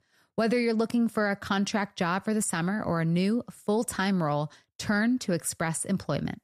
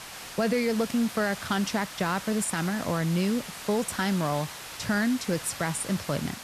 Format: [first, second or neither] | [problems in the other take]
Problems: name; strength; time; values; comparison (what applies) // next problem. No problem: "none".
first | hiss; loud; throughout; 10 dB below the speech